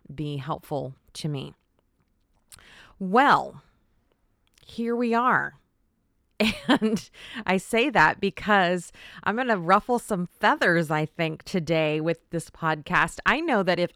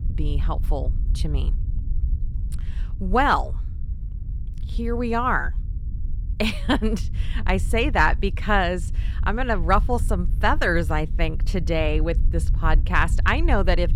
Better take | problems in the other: first | low rumble; faint; throughout; 25 dB below the speech

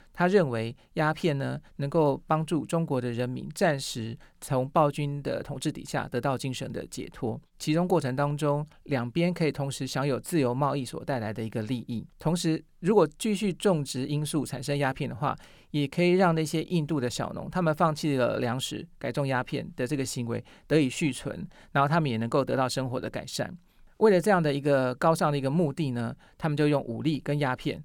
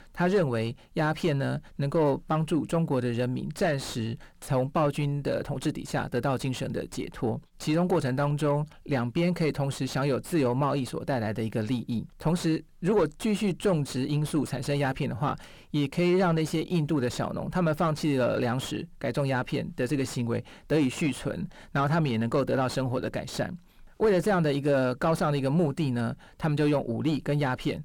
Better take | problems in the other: first | distortion; slight; 9 dB below the speech

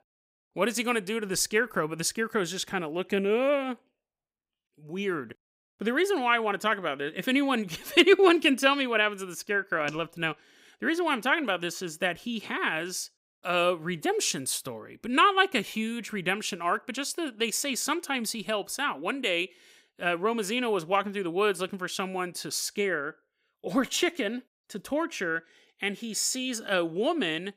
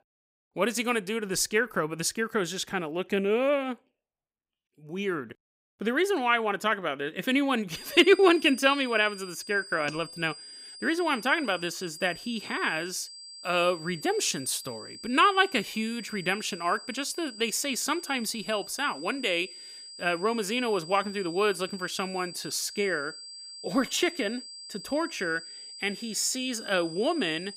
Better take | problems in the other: first | high-pitched whine; noticeable; from 7.5 s on; 5 kHz, 15 dB below the speech

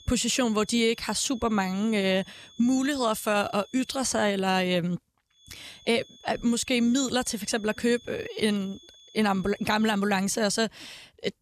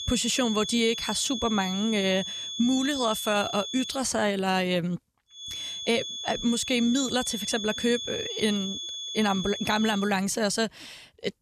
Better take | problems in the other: first | high-pitched whine; loud; until 4 s and from 5.5 to 10 s; 3.5 kHz, 6 dB below the speech; faint in the first

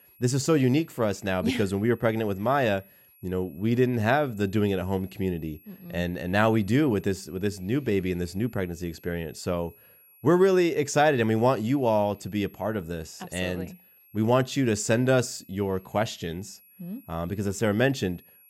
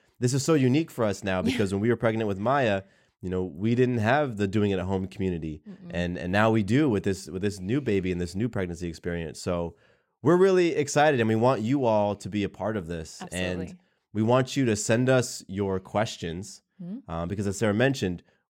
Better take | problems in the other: second | high-pitched whine; faint; throughout; 11.5 kHz, 30 dB below the speech

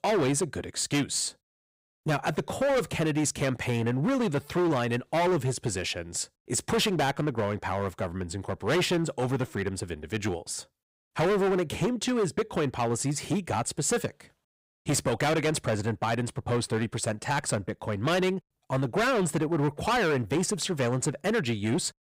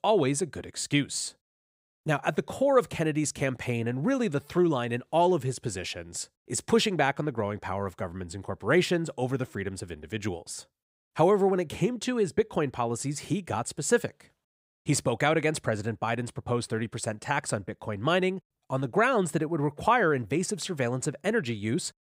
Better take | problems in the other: second | distortion; heavy; 14% of the sound clipped

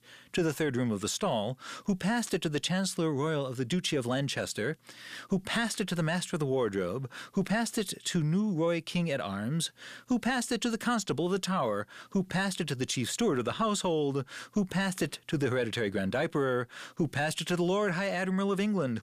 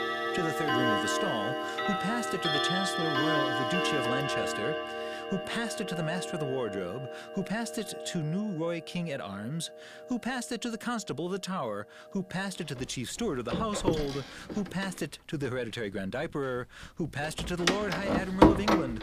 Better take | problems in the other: first | household noises; very loud; throughout; 4 dB above the speech

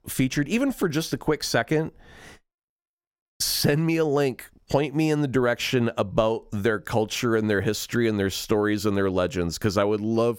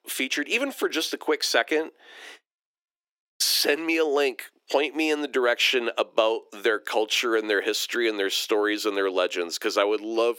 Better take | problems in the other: first | thin; somewhat; fading below 300 Hz

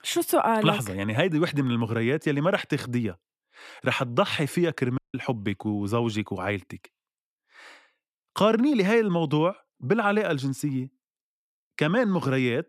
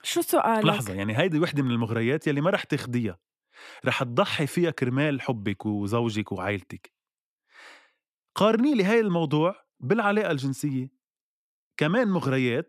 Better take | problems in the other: second | audio cutting out; at 5 s

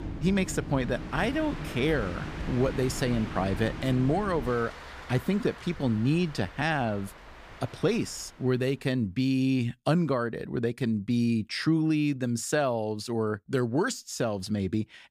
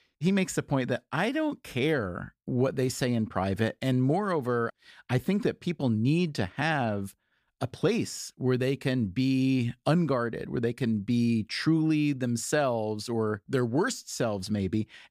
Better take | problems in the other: second | train or aircraft noise; noticeable; until 8.5 s; 10 dB below the speech

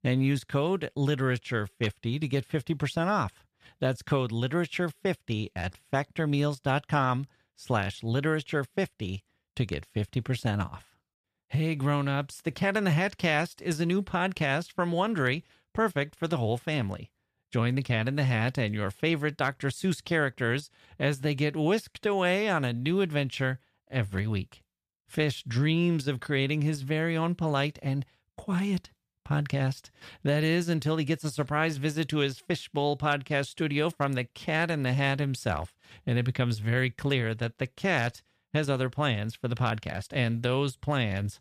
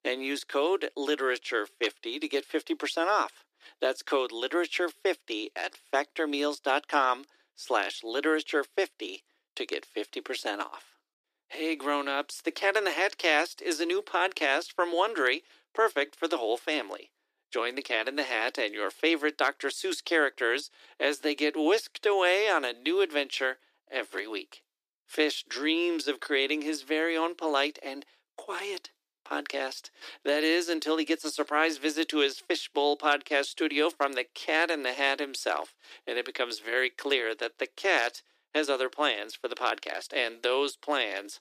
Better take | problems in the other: first | thin; very; fading below 300 Hz

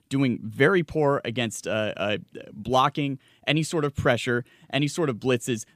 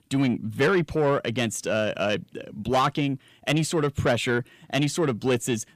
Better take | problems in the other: first | distortion; slight; 10 dB below the speech

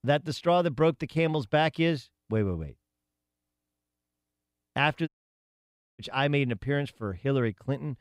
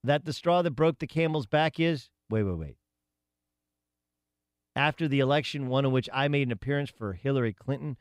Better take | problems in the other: second | audio cutting out; at 5 s for 1 s

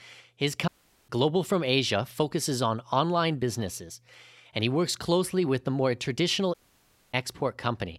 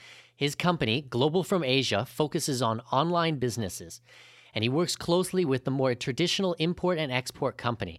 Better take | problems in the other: second | audio cutting out; at 0.5 s and at 6.5 s for 0.5 s

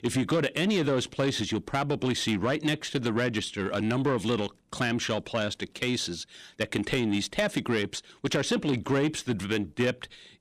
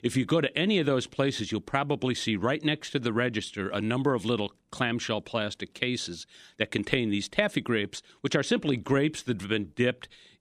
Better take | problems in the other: second | distortion; slight; 10 dB below the speech

